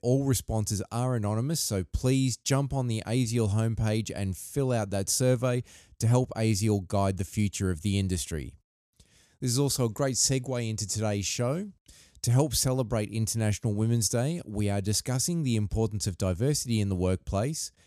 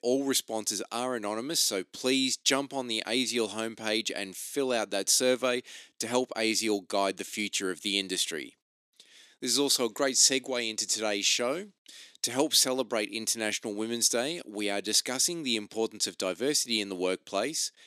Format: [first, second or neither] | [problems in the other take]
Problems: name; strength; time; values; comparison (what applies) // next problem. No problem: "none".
first | thin; somewhat; fading below 300 Hz